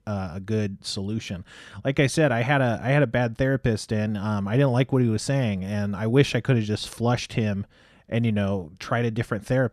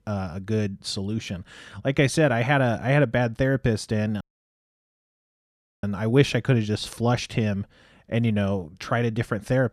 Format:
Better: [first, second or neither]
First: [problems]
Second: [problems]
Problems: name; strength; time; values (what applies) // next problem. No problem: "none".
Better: first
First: none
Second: audio cutting out; at 4 s for 1.5 s